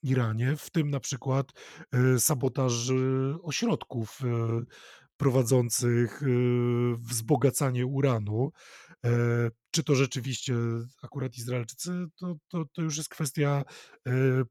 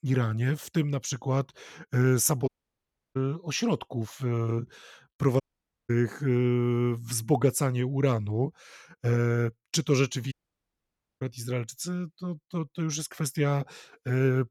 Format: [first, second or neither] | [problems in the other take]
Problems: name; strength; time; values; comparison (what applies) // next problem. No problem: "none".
first | audio cutting out; at 2.5 s for 0.5 s, at 5.5 s and at 10 s for 1 s